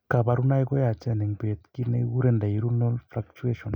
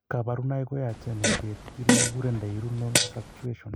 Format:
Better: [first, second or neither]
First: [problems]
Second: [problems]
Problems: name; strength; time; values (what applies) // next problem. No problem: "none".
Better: first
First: none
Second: background sound (Fart); 3 dB above the speech